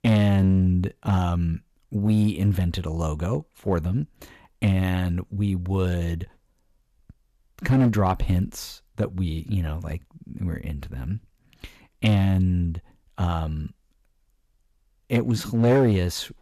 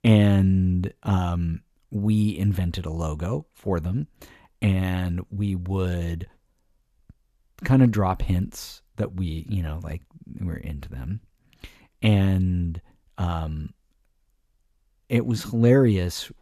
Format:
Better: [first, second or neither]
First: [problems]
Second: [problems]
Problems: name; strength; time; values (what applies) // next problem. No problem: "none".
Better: second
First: distortion; slight; 3% of the sound clipped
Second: none